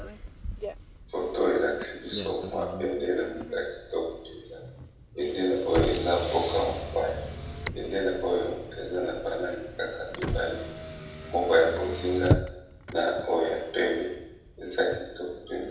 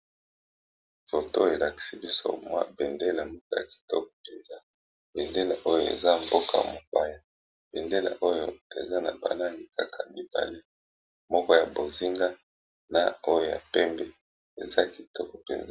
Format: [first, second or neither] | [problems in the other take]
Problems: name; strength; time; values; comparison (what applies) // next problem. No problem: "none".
second | background sound (Motor vehicle (road)); 7 dB below the speech // room echo; dies away in 0.9 s